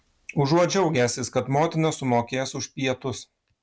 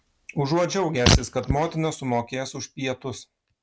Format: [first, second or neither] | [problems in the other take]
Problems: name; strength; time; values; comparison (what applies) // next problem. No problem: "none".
first | background sound (Fart); 2 dB above the speech